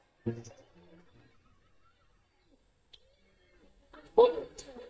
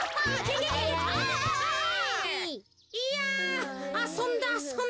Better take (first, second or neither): second